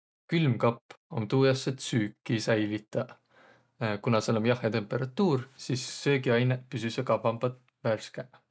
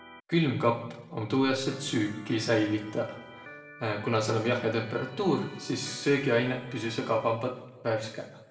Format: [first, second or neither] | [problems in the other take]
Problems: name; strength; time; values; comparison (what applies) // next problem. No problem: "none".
first | background sound (Organ); 20 dB below the speech // room echo; dies away in 0.8 s